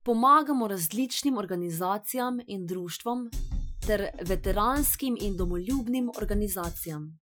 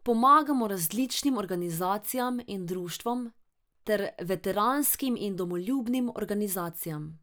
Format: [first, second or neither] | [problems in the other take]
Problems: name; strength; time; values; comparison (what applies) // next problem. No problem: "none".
second | noise reduction (classical method Wiener filter)